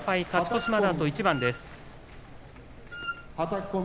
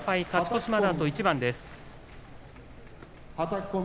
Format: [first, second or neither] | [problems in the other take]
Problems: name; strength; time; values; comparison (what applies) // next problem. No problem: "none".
second | background sound (Wind instrument, woodwind instrument); 10 dB below the speech